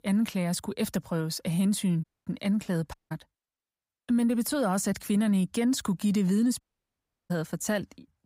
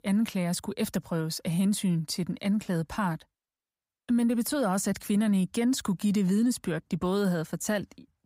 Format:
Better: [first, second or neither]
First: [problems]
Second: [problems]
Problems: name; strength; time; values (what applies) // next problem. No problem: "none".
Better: second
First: audio cutting out; at 2 s, at 3 s and at 6.5 s for 0.5 s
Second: none